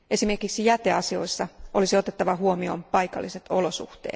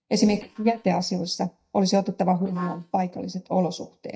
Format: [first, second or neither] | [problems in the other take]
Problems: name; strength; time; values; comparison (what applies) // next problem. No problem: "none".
first | noise reduction (neural mask model DeepFilterNet 3)